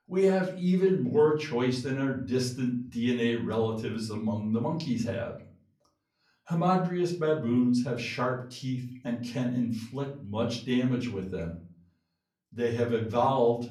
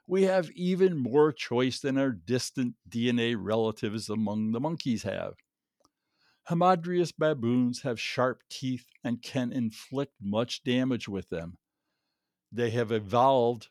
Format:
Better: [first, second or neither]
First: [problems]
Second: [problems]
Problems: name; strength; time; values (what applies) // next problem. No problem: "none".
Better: second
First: off-mic speech; far // room echo; slight; dies away in 0.4 s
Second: none